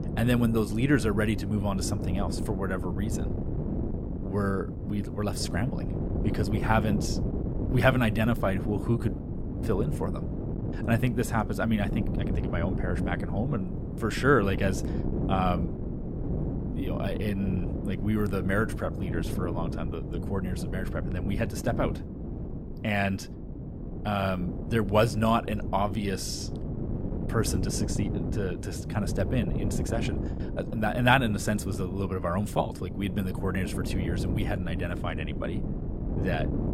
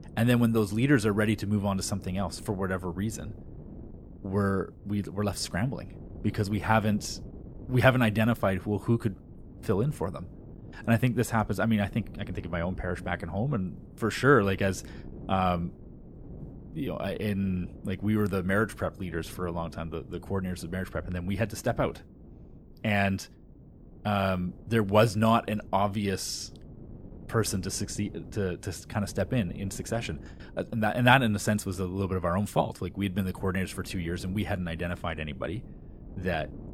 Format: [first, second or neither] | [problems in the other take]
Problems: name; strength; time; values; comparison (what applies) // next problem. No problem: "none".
second | wind noise on the microphone; heavy; 9 dB below the speech; occasional gusts in the second